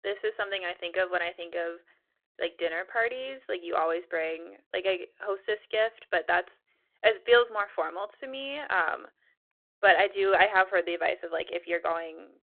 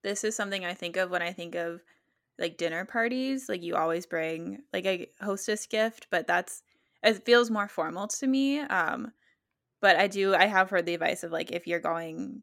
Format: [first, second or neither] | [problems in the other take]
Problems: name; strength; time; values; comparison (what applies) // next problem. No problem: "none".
second | phone-call audio